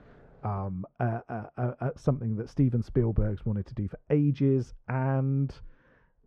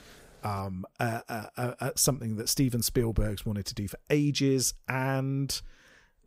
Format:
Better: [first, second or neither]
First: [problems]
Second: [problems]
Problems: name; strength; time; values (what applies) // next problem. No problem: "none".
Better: second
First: muffled; very; fading above 1 kHz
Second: none